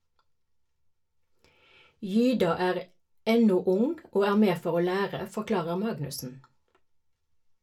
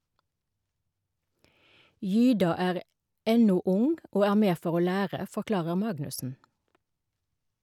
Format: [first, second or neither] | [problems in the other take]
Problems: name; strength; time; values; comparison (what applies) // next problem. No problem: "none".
second | room echo; dies away in 0.2 s